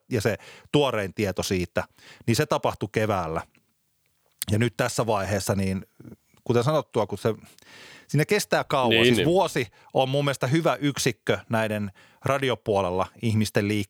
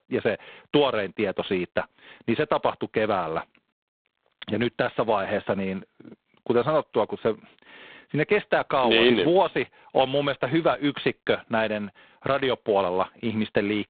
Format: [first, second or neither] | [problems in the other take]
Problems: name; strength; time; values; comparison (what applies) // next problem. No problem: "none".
first | phone-call audio; poor line; nothing above 3.5 kHz